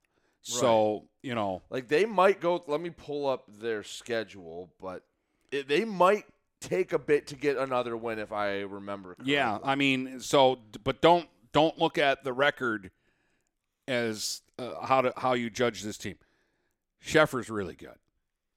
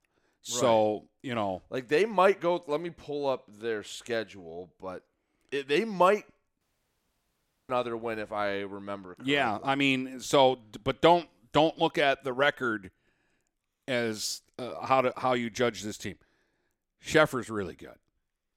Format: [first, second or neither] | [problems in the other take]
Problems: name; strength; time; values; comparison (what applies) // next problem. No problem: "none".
first | audio cutting out; at 6.5 s for 1 s